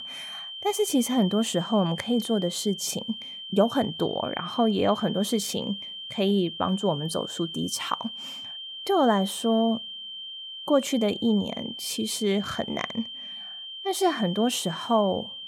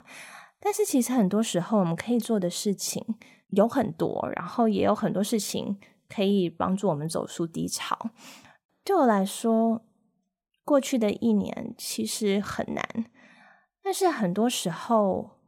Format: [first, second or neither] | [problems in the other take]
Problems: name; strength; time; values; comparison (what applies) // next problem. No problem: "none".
second | high-pitched whine; loud; throughout; 3 kHz, 9 dB below the speech